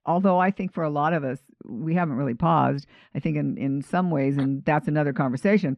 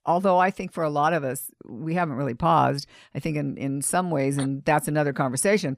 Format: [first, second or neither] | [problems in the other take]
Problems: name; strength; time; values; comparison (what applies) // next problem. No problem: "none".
second | muffled; slightly; fading above 2.5 kHz